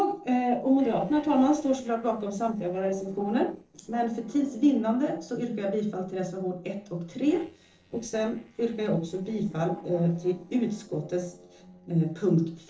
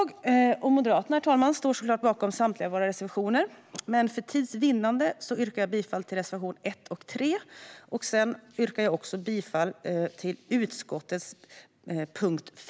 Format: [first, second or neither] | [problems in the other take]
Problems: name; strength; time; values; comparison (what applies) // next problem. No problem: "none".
second | noise reduction (neural separator model SepFormer DNS4)